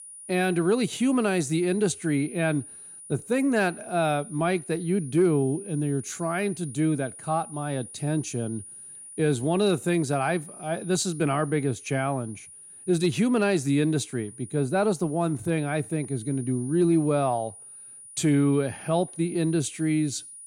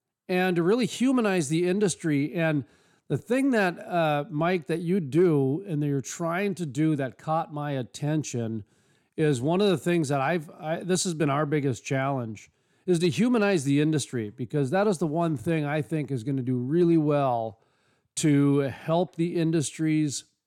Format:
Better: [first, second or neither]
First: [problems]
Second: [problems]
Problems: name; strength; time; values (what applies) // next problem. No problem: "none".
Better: second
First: high-pitched whine; noticeable; throughout; 9.5 kHz, 15 dB below the speech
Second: none